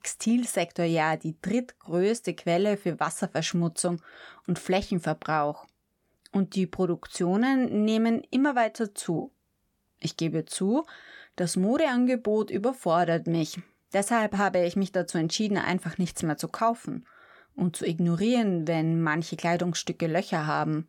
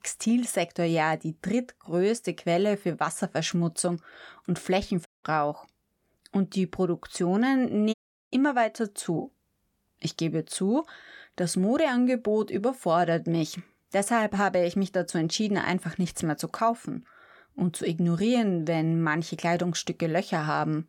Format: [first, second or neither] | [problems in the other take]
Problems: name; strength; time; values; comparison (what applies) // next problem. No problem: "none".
first | audio cutting out; at 5 s and at 8 s